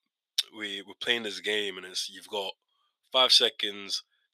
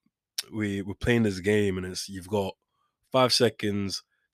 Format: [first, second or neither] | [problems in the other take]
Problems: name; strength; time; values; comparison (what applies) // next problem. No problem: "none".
second | thin; somewhat; fading below 500 Hz